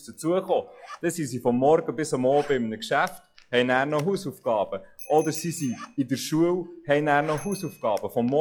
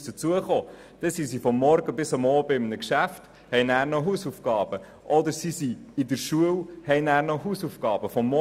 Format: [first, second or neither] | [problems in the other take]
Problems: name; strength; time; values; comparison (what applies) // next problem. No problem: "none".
second | noise reduction (classical method log-MMSE)